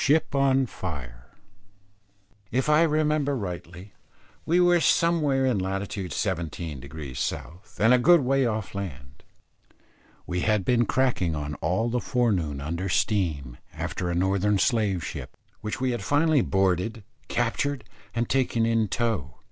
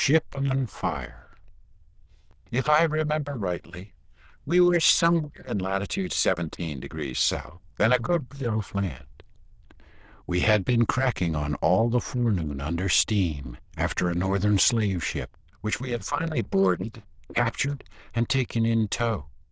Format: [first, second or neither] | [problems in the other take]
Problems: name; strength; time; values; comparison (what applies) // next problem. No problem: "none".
first | noise reduction (neural diffusion model UNIVERSE++)